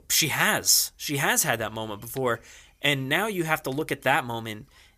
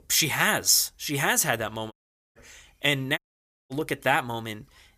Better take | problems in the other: first | audio cutting out; at 2 s and at 3 s for 0.5 s

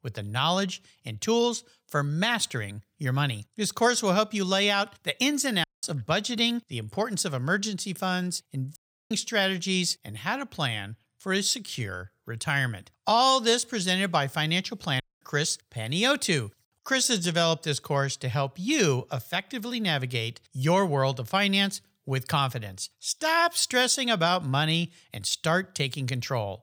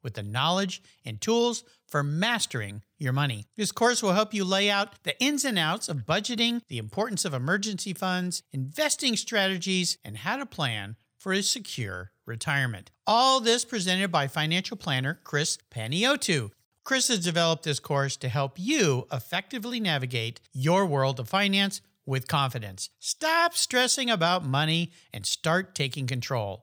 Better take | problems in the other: second | audio cutting out; at 5.5 s, at 9 s and at 15 s

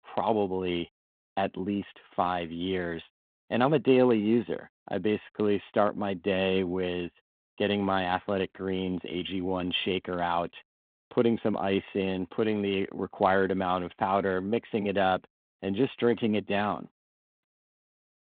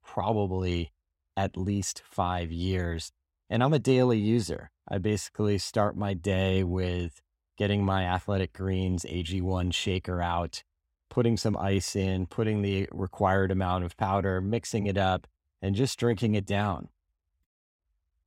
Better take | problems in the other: second | phone-call audio

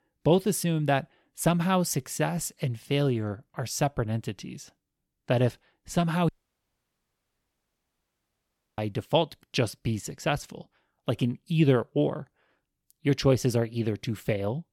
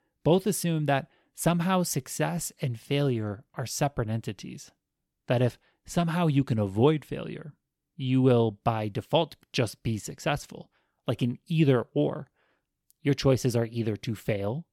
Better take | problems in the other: second | audio cutting out; at 6.5 s for 2.5 s

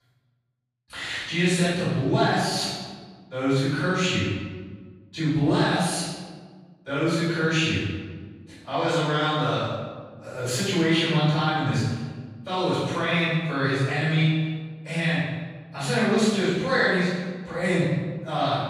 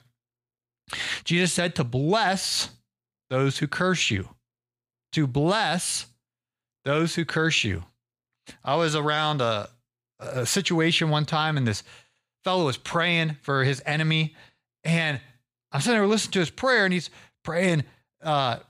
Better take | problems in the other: second | off-mic speech; far // room echo; strong; dies away in 1.3 s

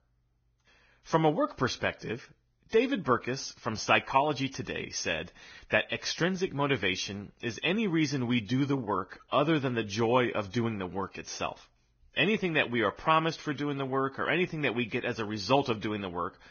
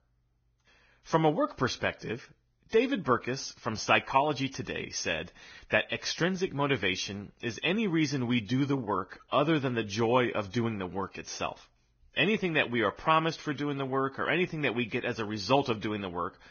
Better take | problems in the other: neither | garbled, watery; badly; nothing above 6.5 kHz; the same in both

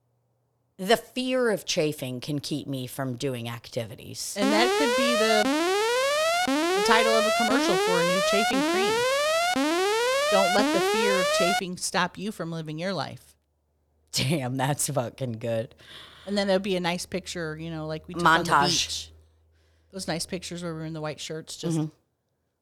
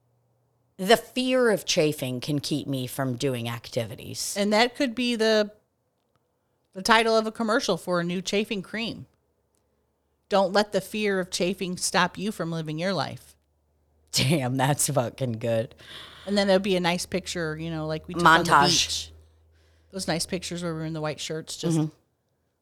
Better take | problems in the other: second | alarm; loud; from 4.5 to 12 s; peak 5 dB above the speech

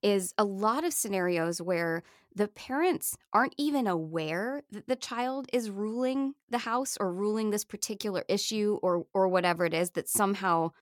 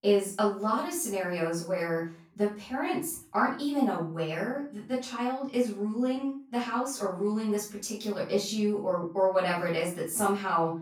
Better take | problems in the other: first | room echo; noticeable; dies away in 0.3 s // off-mic speech; far

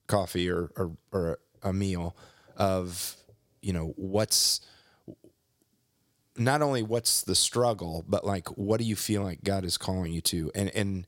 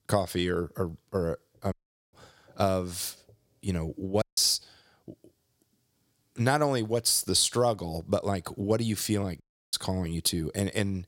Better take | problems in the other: first | audio cutting out; at 1.5 s, at 4 s and at 9.5 s

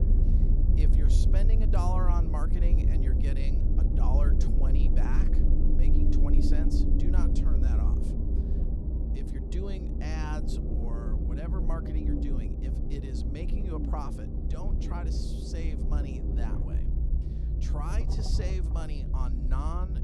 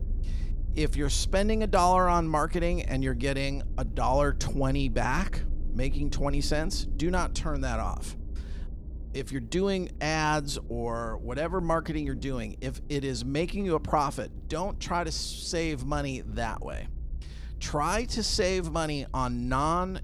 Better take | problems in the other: second | low rumble; loud; throughout; as loud as the speech; faint in the second

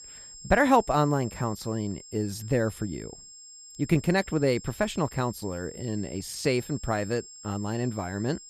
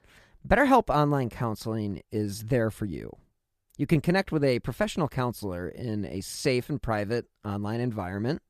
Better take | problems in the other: second | high-pitched whine; noticeable; throughout; 7.5 kHz, 15 dB below the speech

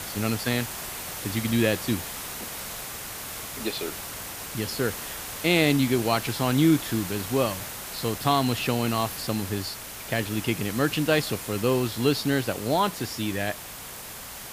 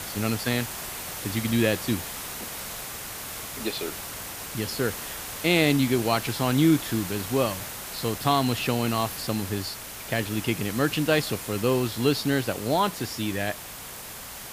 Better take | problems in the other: neither | hiss; loud; throughout; 8 dB below the speech; the same in both

